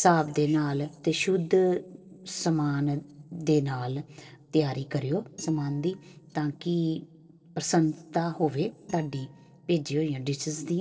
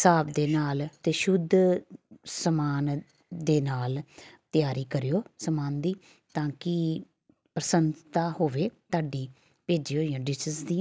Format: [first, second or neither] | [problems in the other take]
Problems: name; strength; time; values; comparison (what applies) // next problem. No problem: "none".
second | noise reduction (neural separator model SepFormer DNS4)